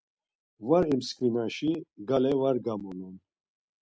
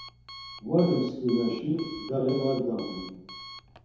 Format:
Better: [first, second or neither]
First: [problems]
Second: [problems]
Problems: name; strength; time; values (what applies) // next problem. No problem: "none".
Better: first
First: none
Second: background sound (Alarm); 16 dB below the speech // room echo; dies away in 0.9 s